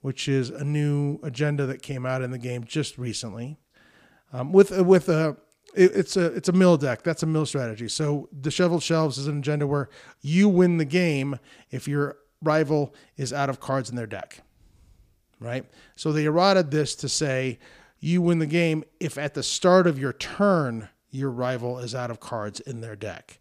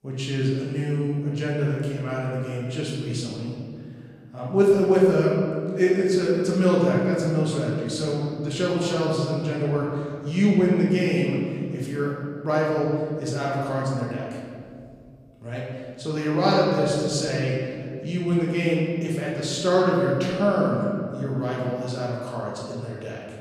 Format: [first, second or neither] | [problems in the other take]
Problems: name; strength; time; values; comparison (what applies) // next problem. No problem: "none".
first | room echo; noticeable; dies away in 2.1 s // off-mic speech; far